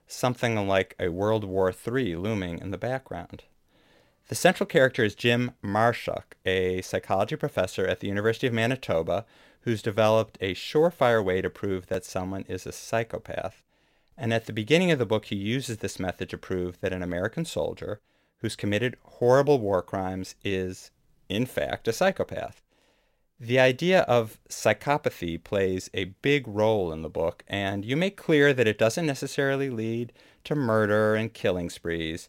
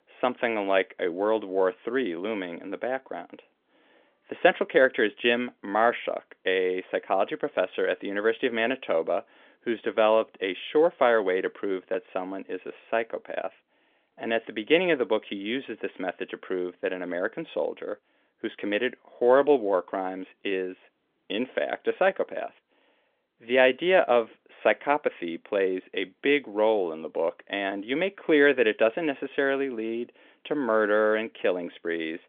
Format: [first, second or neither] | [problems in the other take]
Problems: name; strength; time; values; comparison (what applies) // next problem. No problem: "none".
first | phone-call audio; nothing above 3.5 kHz